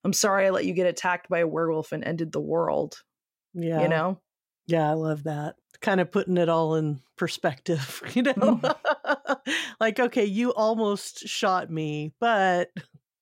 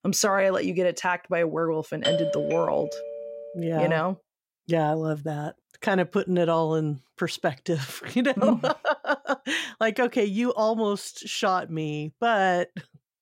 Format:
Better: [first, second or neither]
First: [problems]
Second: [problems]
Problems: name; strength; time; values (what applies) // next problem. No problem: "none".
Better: first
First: none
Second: doorbell; loud; from 2 to 3.5 s; peak level with the speech